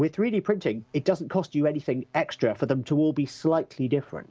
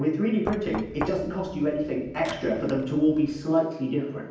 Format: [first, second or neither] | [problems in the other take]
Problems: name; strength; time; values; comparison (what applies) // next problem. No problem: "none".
first | background sound (Knock); 13 dB below the speech // room echo; dies away in 0.9 s